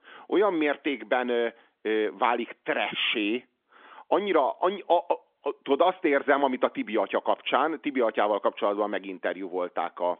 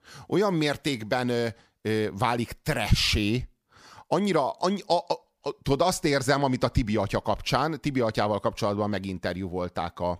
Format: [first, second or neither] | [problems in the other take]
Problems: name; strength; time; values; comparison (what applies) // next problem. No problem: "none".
second | phone-call audio; nothing above 3.5 kHz